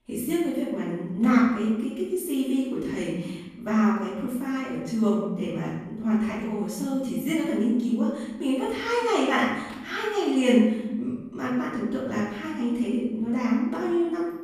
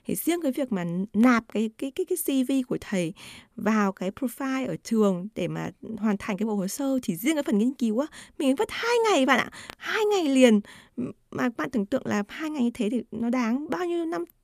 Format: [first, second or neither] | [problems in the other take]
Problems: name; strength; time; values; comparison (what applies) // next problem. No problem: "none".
second | off-mic speech; far // room echo; noticeable; dies away in 1 s